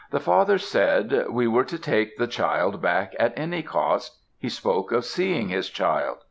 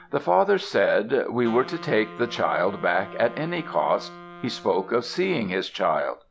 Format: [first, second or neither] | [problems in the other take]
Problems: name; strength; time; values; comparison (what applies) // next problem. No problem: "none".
first | background sound (Wind instrument, woodwind instrument); 19 dB below the speech